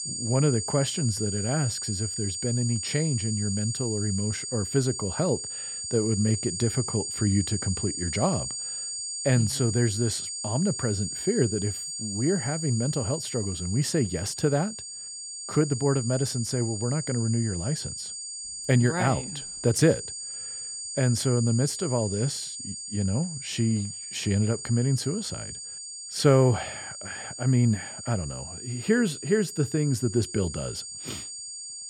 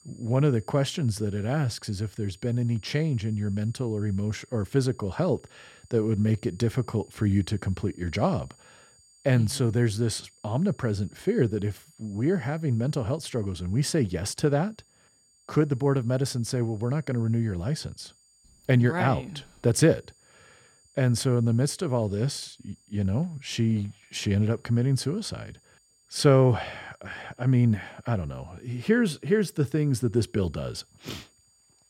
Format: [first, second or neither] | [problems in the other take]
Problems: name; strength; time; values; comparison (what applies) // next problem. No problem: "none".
second | high-pitched whine; loud; throughout; 7 kHz, 6 dB below the speech; faint in the second